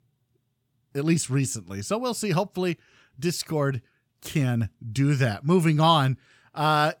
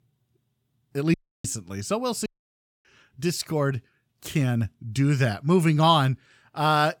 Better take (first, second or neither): first